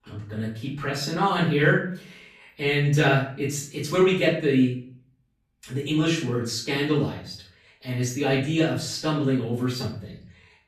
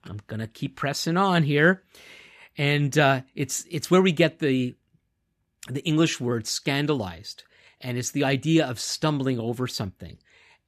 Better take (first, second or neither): second